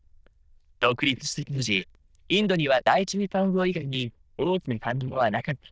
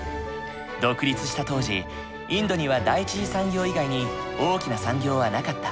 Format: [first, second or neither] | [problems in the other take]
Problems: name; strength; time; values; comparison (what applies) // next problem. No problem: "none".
second | noise reduction (neural diffusion model UNIVERSE++)